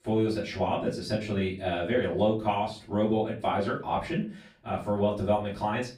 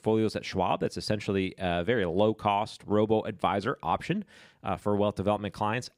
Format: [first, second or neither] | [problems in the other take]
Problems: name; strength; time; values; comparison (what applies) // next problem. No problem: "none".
second | off-mic speech; far // room echo; slight; dies away in 0.3 s